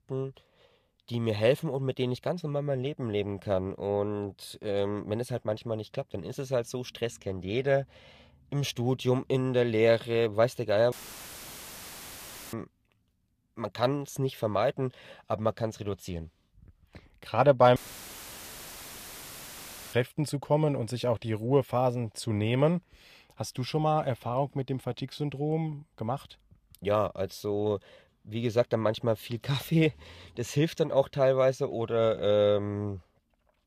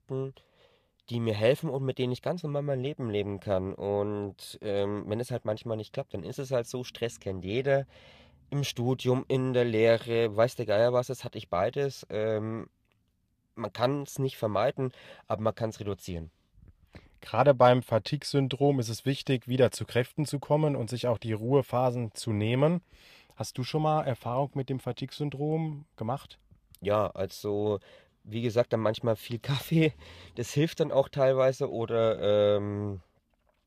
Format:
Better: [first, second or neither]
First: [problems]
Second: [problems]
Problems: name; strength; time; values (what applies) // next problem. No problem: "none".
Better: second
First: audio cutting out; filled with static; at 11 s for 1.5 s and at 18 s for 2 s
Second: none